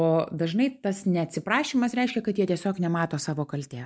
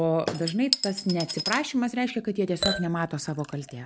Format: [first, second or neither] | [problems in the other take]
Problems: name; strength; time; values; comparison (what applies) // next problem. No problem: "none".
first | background sound (Chink, clink / Liquid); 6 dB below the speech